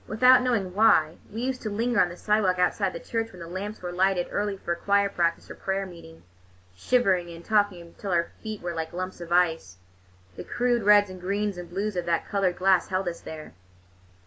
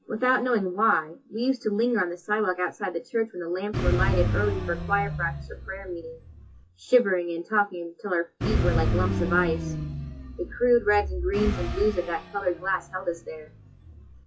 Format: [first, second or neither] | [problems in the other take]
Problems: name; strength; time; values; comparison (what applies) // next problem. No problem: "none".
first | noise reduction (classical method WPE with log-MMSE)